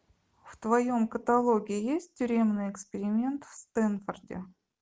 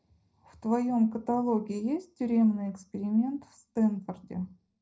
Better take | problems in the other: first | room echo; dies away in 0.4 s

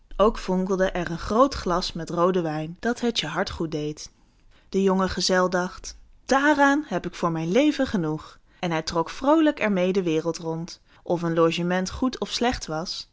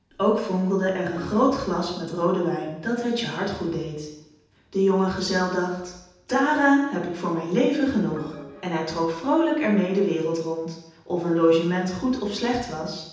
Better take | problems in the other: first | background sound (Organ); 17 dB below the speech // room echo; dies away in 0.8 s

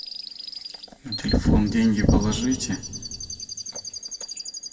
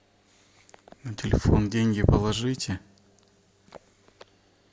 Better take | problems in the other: second | background sound (Chirp, tweet); 11 dB below the speech // room echo; dies away in 1.1 s

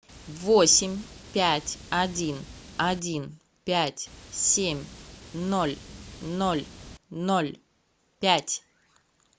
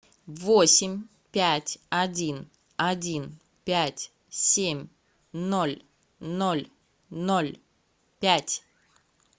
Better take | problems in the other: second | background sound (Water); 17 dB below the speech

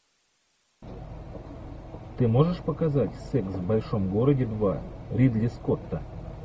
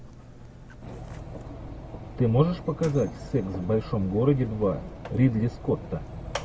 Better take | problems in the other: first | background sound (Mechanisms); 16 dB below the speech

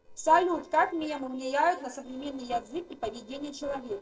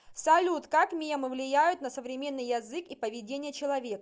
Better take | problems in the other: second | noise reduction (neural separator model SepFormer DNS4)

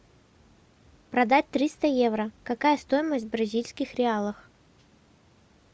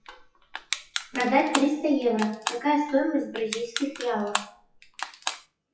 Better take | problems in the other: first | noise reduction (classical method WPE with log-MMSE)

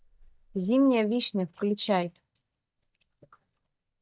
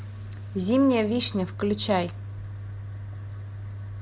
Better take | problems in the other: second | noise reduction (neural mask model DeepFilterNet 3)

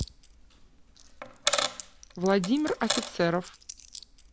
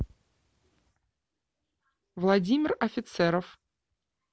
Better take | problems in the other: second | background sound (Coin (dropping)); 4 dB below the speech

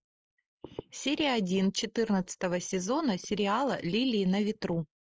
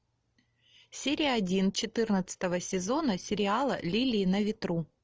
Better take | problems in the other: second | noise reduction (neural mask model Resemble Enhance denoiser)

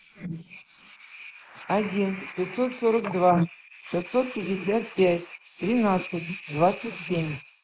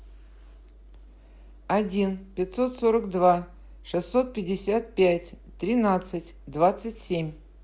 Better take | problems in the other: second | noise reduction (neural mask model Resemble Enhance denoiser)

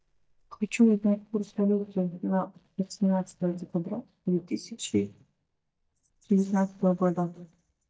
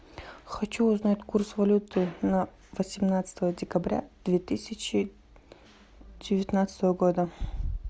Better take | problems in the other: second | noise reduction (neural mask model DeepFilterNet 3)

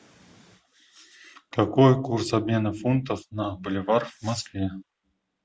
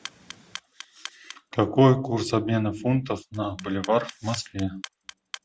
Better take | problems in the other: first | background sound (Clock); 19 dB below the speech

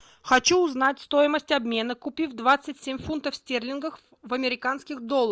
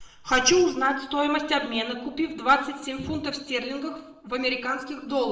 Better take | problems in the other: first | room echo; dies away in 0.7 s

